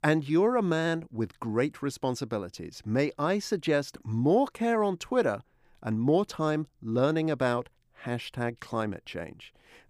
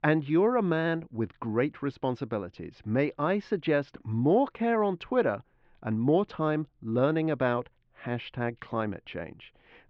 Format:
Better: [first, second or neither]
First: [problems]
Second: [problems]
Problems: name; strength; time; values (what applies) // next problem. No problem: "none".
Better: first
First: none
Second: muffled; very; fading above 3.5 kHz